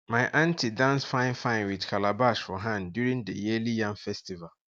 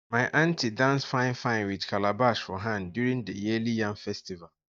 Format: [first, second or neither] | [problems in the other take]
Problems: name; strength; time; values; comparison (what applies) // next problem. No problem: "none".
first | noise reduction (neural mask model DeepFilterNet 3)